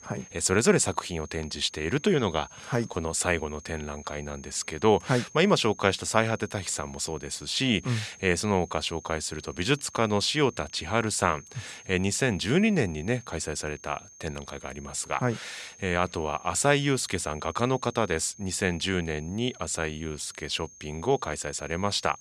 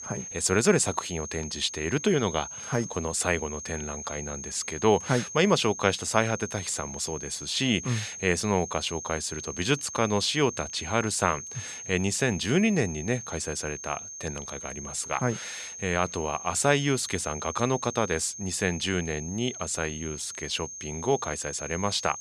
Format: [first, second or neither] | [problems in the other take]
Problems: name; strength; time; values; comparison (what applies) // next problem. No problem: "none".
first | high-pitched whine; loud; throughout; 6.5 kHz, 9 dB below the speech; faint in the first